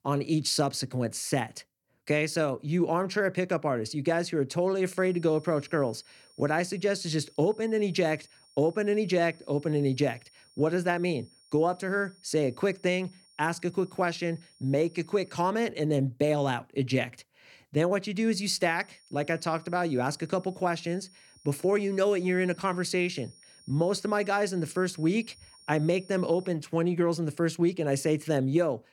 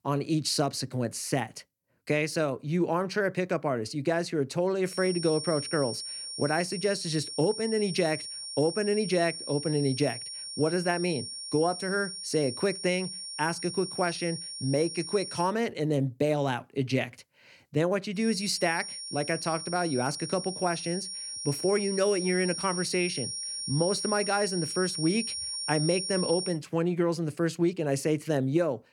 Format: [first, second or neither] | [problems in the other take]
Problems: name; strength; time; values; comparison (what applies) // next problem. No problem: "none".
first | high-pitched whine; loud; from 5 to 15 s and from 18 to 27 s; 5.5 kHz, 6 dB below the speech; faint in the first